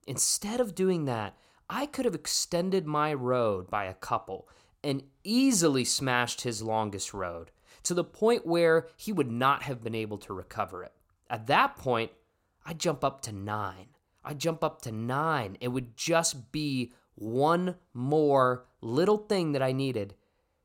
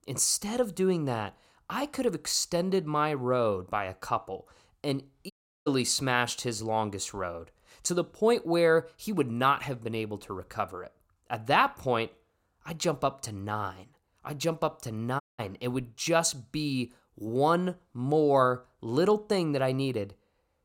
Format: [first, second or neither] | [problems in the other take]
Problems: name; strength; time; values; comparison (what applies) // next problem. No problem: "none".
first | audio cutting out; at 5.5 s and at 15 s